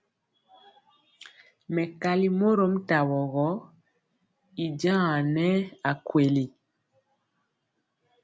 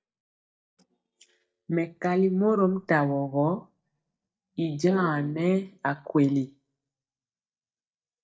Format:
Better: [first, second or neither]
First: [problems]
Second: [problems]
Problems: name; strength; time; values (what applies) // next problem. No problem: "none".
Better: first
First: none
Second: noise reduction (neural mask model DeepFilterNet 3)